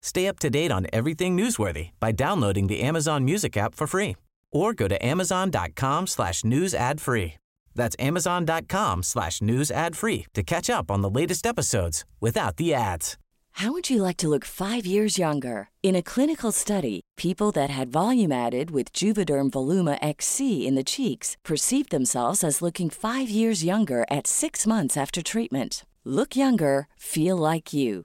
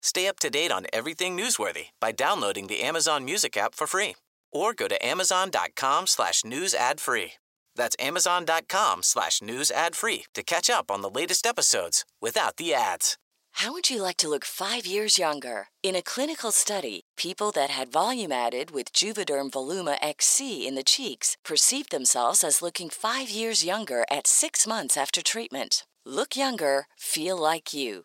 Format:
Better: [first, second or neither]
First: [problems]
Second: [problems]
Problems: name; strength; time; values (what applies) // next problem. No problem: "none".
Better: first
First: none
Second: thin; somewhat; fading below 550 Hz